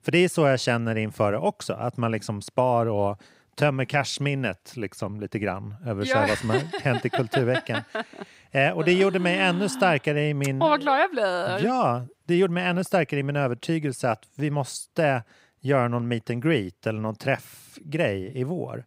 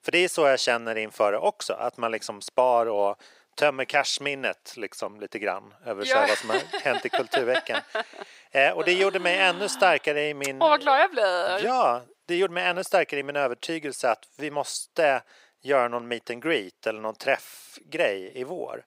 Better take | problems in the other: first | thin; very; fading below 500 Hz

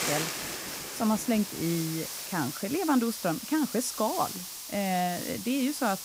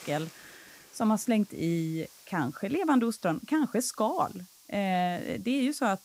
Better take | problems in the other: second | hiss; loud; throughout; 6 dB below the speech; faint in the second

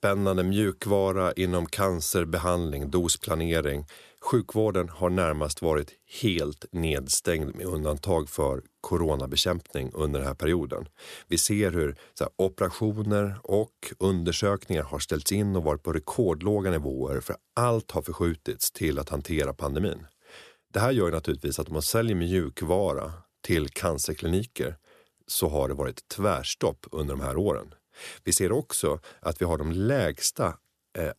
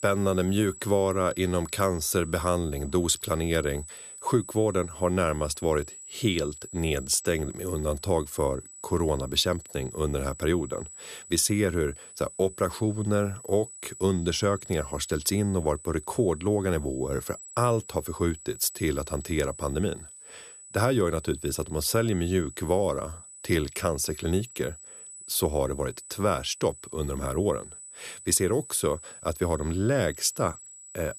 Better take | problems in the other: first | high-pitched whine; noticeable; throughout; 8 kHz, 15 dB below the speech

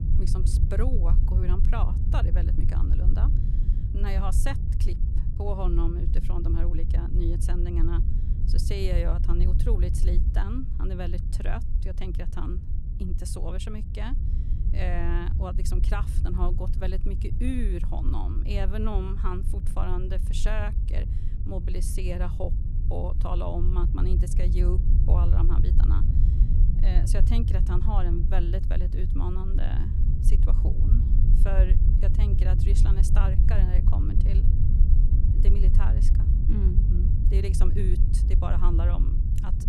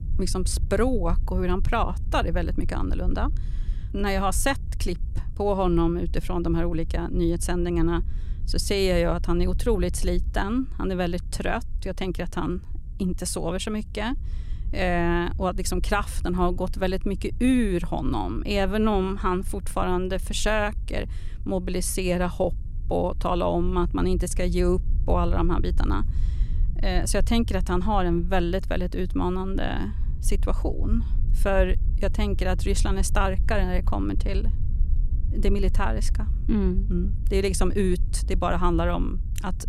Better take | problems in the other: second | low rumble; loud; throughout; 5 dB below the speech; faint in the second

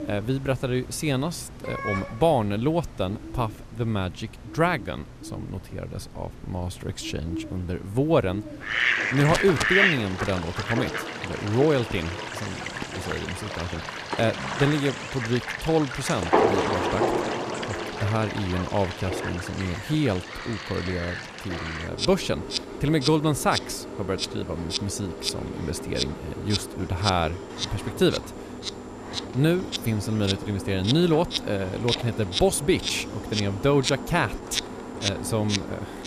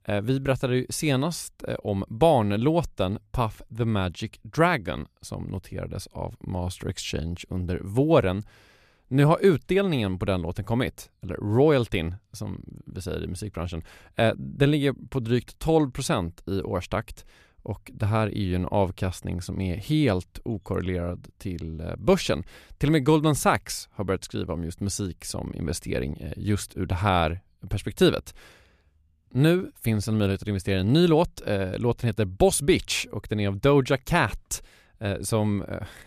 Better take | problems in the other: second | animal sounds; loud; throughout; 3 dB below the speech

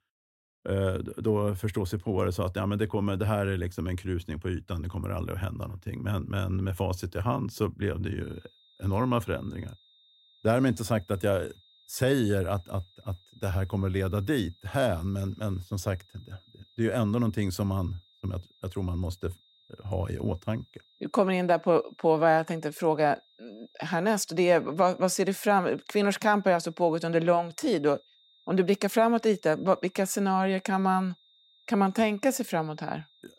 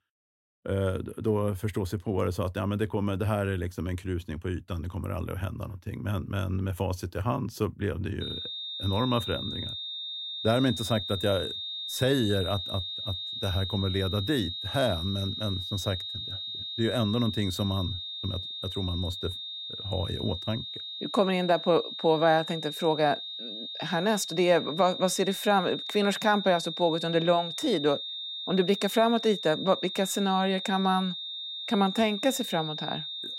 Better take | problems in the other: first | high-pitched whine; loud; from 8 s on; 3.5 kHz, 6 dB below the speech; faint in the first

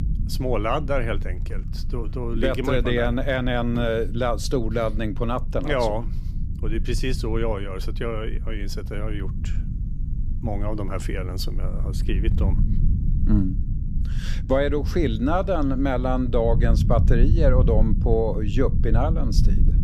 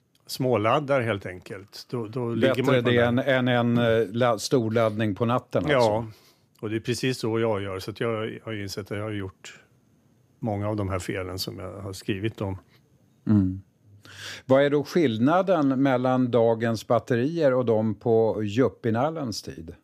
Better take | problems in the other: second | low rumble; noticeable; throughout; 15 dB below the speech

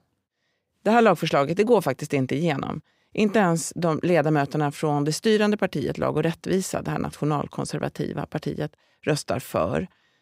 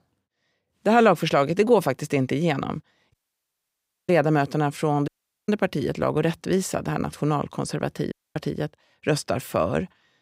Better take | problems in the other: first | audio cutting out; at 3 s for 1 s, at 5 s and at 8 s

